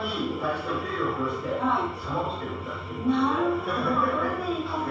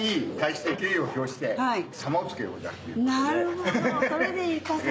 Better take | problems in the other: second | background sound (Engine / Tools); 11 dB below the speech // room echo; dies away in 0.7 s

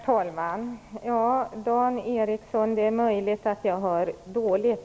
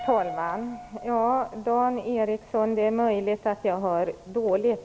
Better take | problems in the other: first | background sound (Piano); 18 dB below the speech

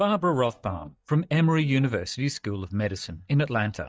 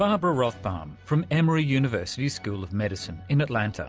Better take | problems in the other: second | noise reduction (neural mask model DeepFilterNet 3)

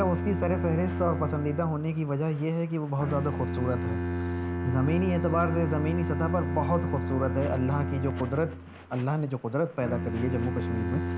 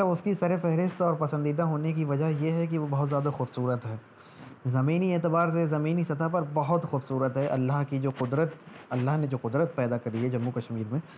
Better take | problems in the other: second | background sound (Bowed string instrument); 3 dB below the speech

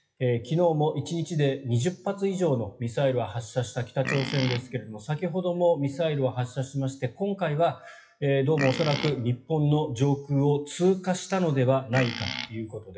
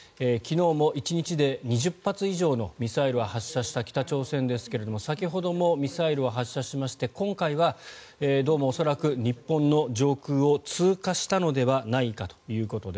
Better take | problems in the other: second | noise reduction (classical method WPE with log-MMSE)

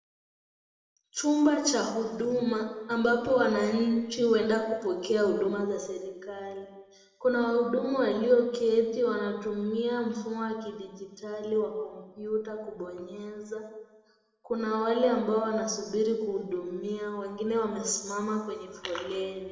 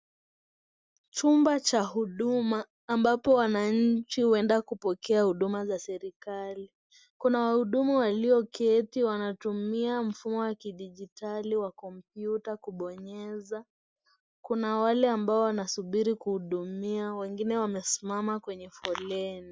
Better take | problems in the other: second | room echo; dies away in 1.1 s

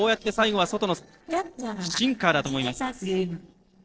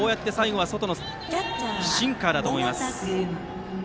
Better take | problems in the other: second | noise reduction (neural separator model SepFormer DNS4)

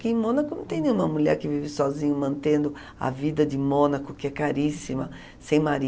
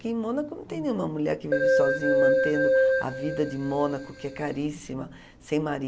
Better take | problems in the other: first | background sound (Keyboard (musical)); 5 dB above the speech

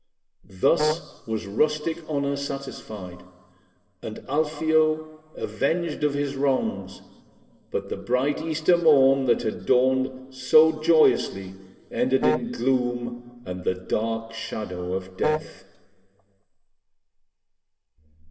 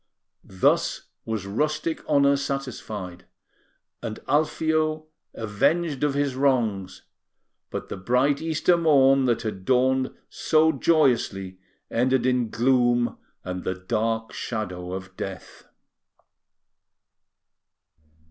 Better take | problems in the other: second | background sound (Wind instrument, woodwind instrument); 4 dB below the speech // room echo; dies away in 1.6 s

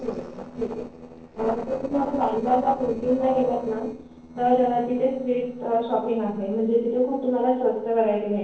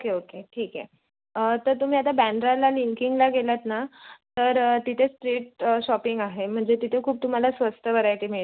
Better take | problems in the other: second | noise reduction (neural separator model SepFormer DNS4)

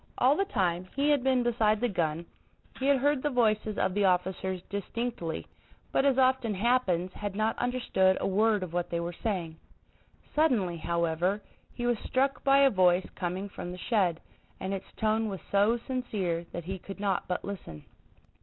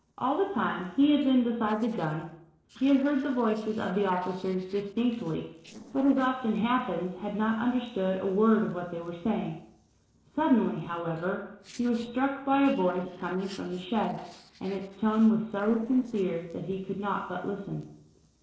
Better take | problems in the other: first | noise reduction (neural separator model SepFormer DNS4)

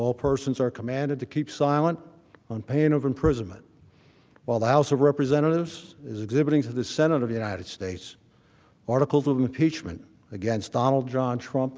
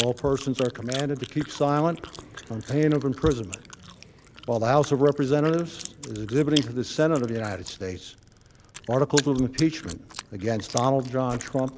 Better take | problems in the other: first | background sound (Chewing, mastication); 14 dB below the speech

